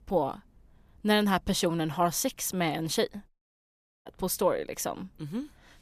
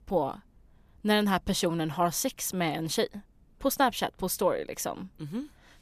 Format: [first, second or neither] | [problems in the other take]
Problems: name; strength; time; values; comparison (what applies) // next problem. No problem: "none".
second | audio cutting out; at 3.5 s for 1 s